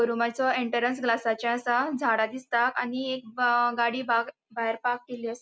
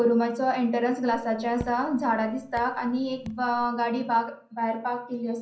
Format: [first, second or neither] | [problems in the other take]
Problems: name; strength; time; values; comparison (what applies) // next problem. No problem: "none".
first | background sound (Raindrop / Drip); 18 dB below the speech // room echo; dies away in 0.6 s